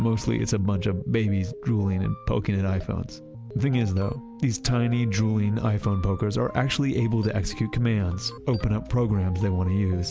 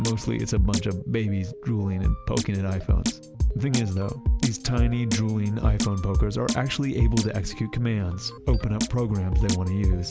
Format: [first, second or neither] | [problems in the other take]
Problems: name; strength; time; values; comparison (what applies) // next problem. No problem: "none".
first | background sound (Drum kit); 2 dB below the speech